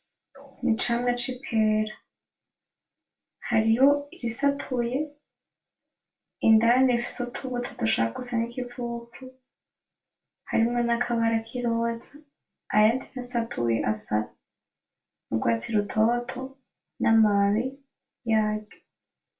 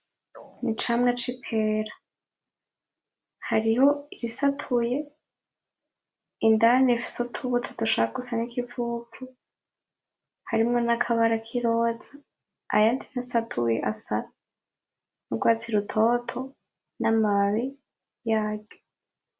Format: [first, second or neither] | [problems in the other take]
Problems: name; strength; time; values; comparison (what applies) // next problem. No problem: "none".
second | room echo; dies away in 0.2 s